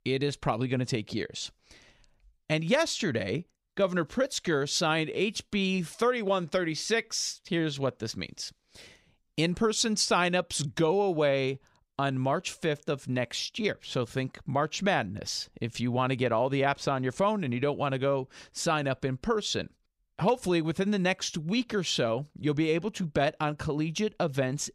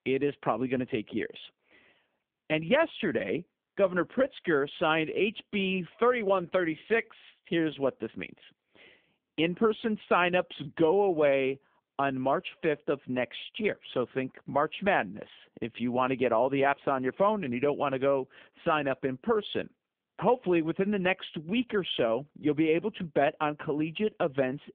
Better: first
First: none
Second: phone-call audio; poor line; nothing above 3.5 kHz

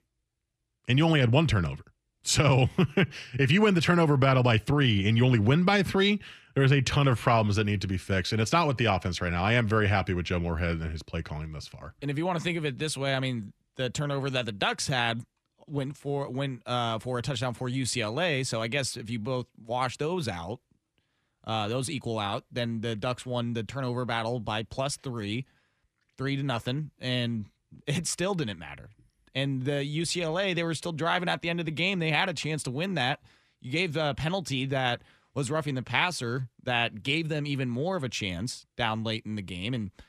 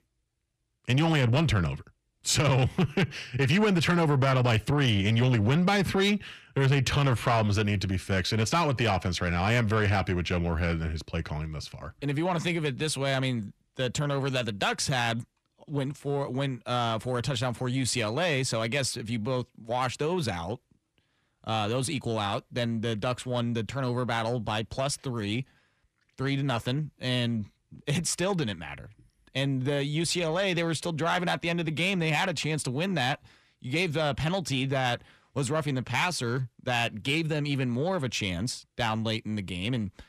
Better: first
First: none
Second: distortion; slight; 10 dB below the speech

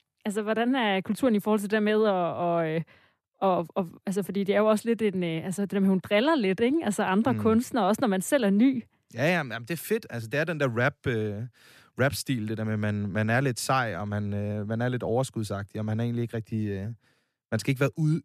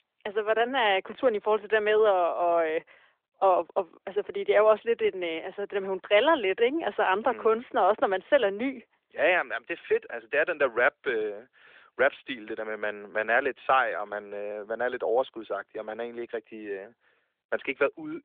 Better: first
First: none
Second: phone-call audio; nothing above 3.5 kHz

